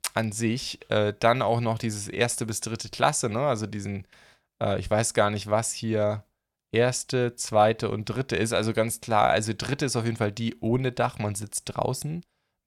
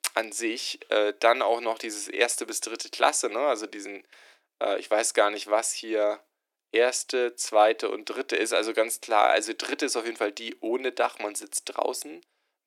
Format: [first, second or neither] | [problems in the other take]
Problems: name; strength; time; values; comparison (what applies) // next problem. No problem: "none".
first | thin; very; fading below 300 Hz